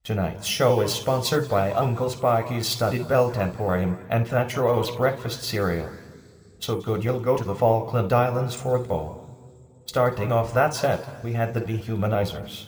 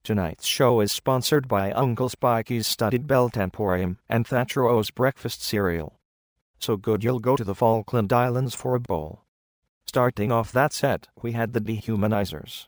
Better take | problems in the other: second | room echo; slight; dies away in 2.6 s

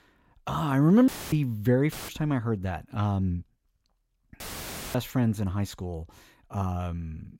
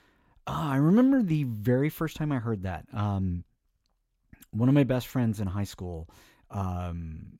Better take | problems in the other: second | audio cutting out; filled with static; at 1 s, at 2 s and at 4.5 s for 0.5 s

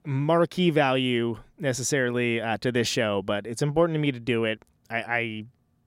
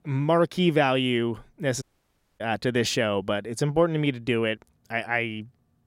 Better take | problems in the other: first | audio cutting out; at 2 s for 0.5 s

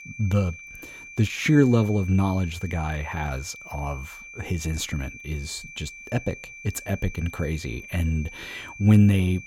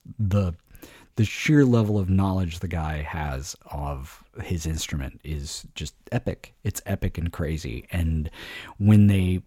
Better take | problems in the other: second | high-pitched whine; noticeable; throughout; 2.5 kHz, 15 dB below the speech

